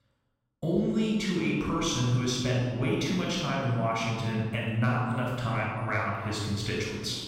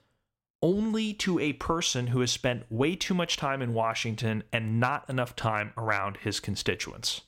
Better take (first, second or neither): second